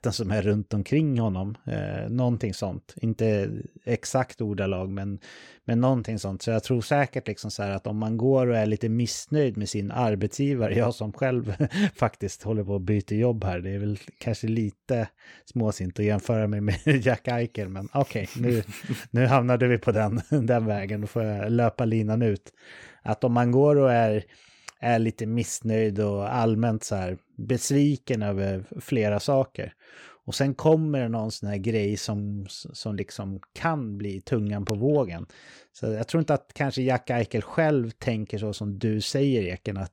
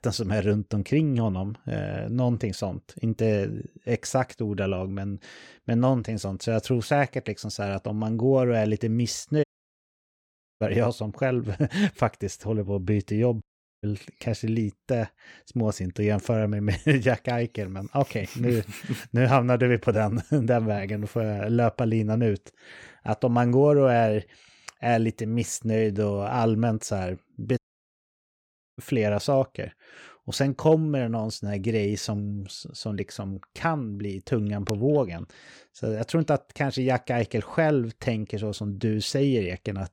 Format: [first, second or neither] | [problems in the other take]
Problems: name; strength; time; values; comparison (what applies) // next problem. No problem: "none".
first | audio cutting out; at 9.5 s for 1 s, at 13 s and at 28 s for 1 s